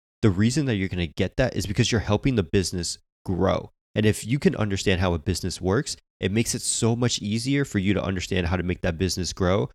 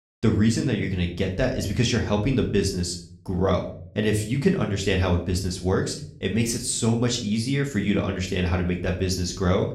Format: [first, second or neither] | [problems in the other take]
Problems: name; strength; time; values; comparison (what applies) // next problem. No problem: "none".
first | room echo; slight; dies away in 0.4 s // off-mic speech; somewhat distant